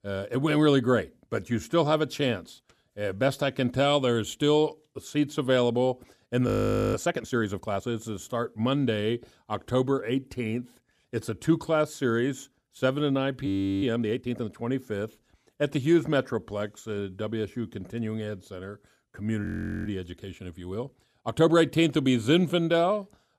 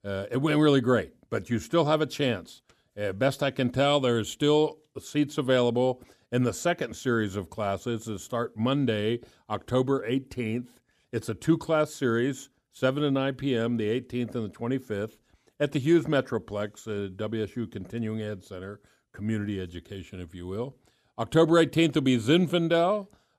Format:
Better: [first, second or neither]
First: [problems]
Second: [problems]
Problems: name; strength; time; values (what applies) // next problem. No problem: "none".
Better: second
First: audio freezing; at 6.5 s, at 13 s and at 19 s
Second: none